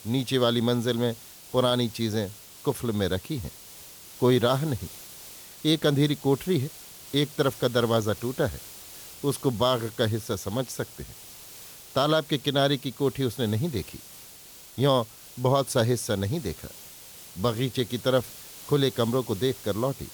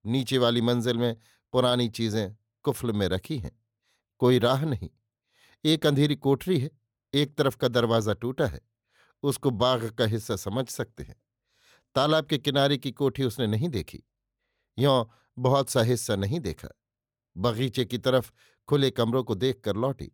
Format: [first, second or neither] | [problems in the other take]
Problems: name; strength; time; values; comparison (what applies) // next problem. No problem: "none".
second | hiss; noticeable; throughout; 15 dB below the speech